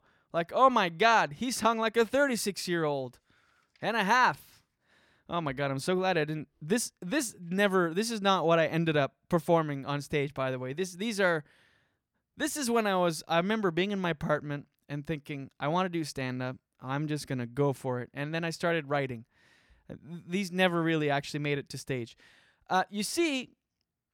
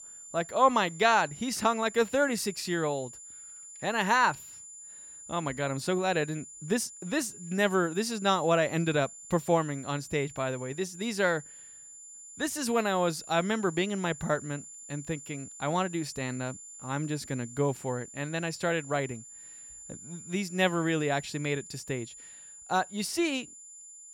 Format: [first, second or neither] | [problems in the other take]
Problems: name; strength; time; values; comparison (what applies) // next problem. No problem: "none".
first | high-pitched whine; noticeable; throughout; 7 kHz, 15 dB below the speech